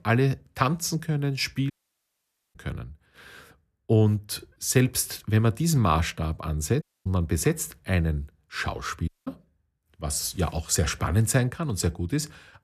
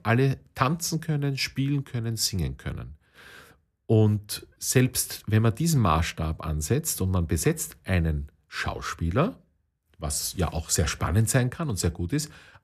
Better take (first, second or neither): second